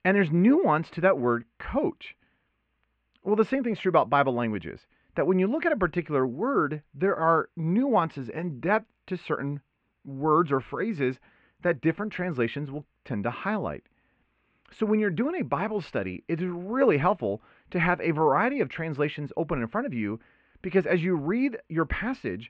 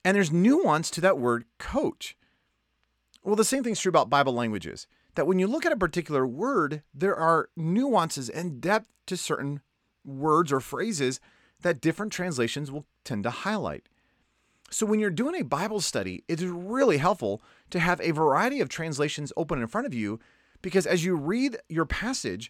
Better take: second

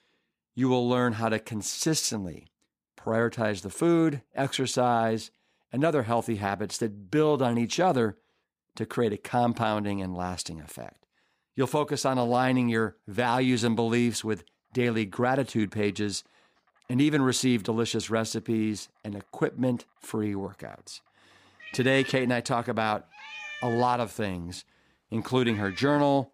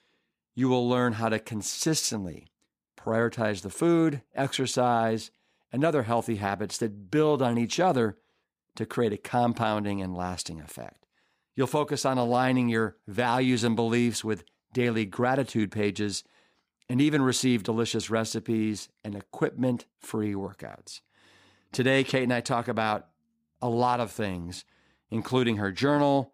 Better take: second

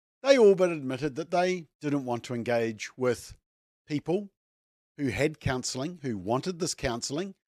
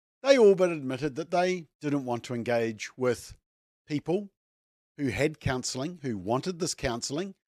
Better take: neither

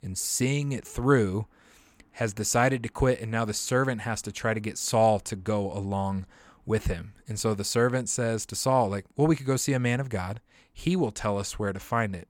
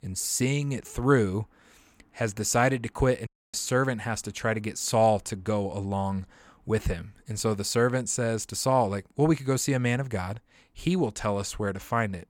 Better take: first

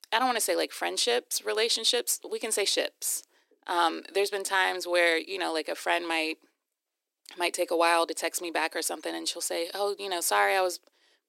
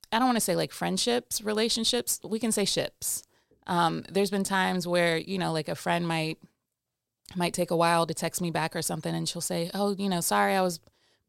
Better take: second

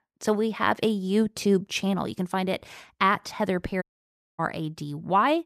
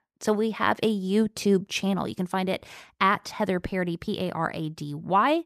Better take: second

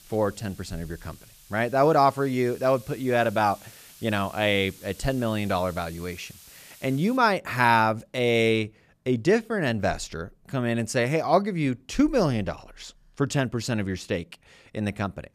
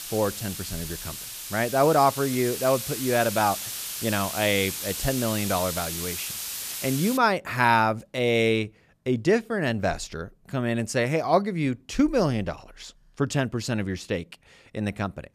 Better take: first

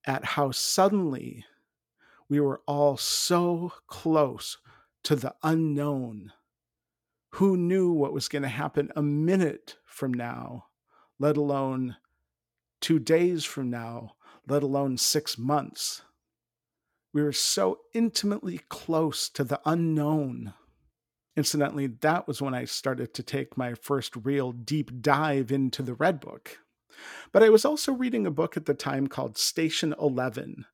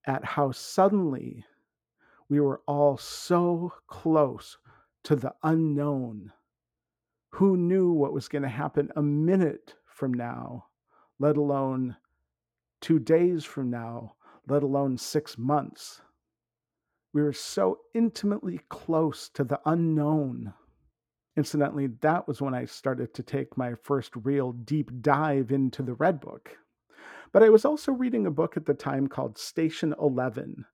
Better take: first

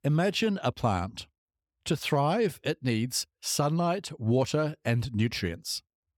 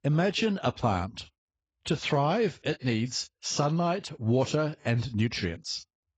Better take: first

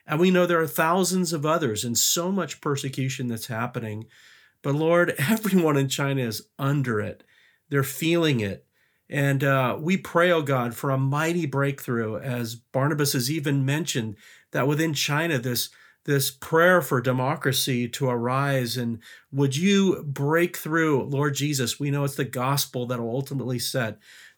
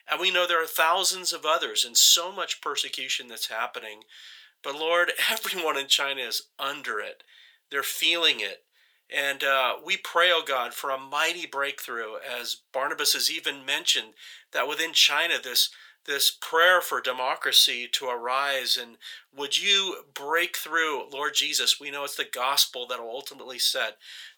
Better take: first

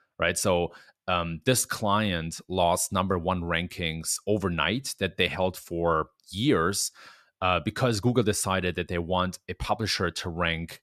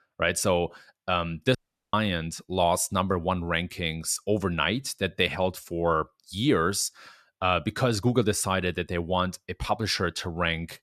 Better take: first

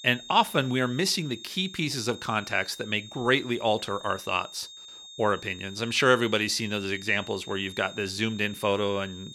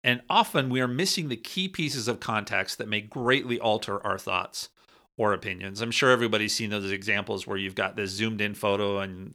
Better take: second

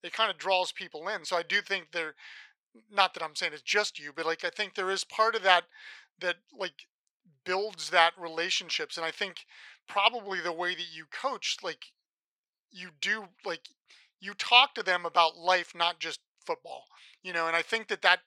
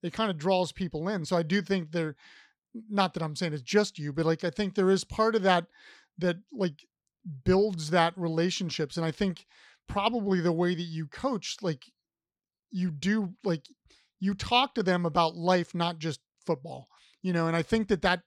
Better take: second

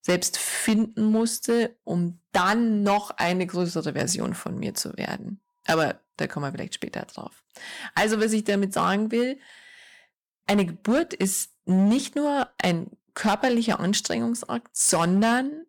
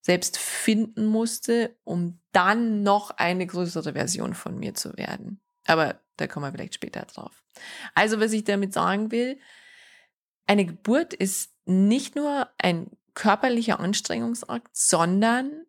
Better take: second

